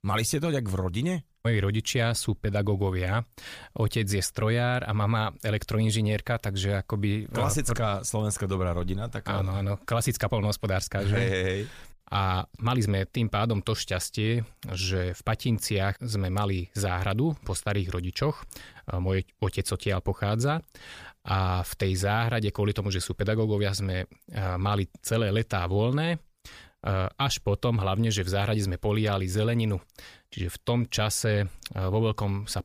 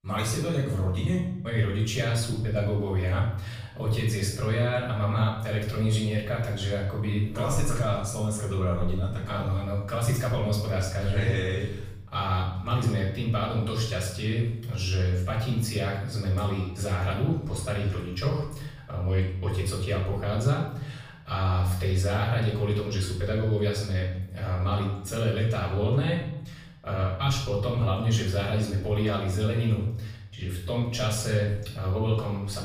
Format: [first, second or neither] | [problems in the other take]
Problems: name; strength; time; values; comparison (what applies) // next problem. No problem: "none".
first | off-mic speech; far // room echo; noticeable; dies away in 0.8 s